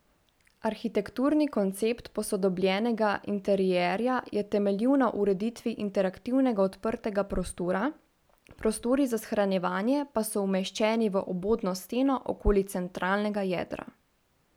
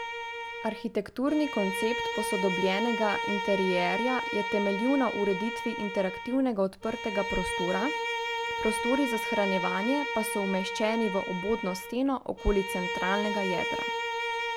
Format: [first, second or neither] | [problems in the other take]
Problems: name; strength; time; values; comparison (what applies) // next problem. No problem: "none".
first | background sound (Bowed string instrument); 3 dB below the speech